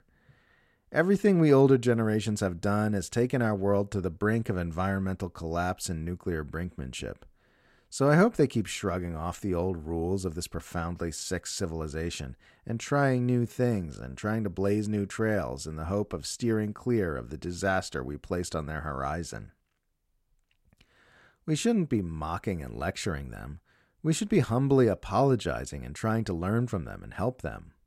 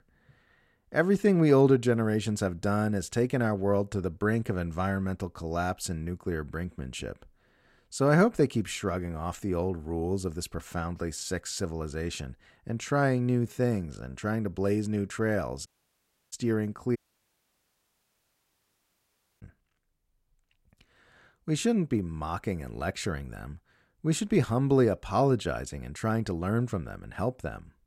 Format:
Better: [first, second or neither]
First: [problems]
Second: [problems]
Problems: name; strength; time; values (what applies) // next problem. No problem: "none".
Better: first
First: none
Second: audio cutting out; at 16 s for 0.5 s and at 17 s for 2.5 s